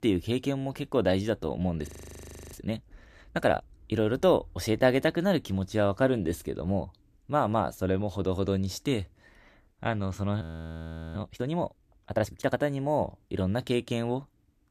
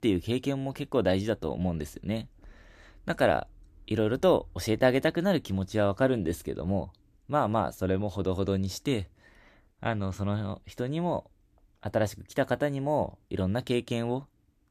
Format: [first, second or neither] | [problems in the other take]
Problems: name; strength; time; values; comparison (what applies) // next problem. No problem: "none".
second | audio freezing; at 2 s for 0.5 s and at 10 s for 0.5 s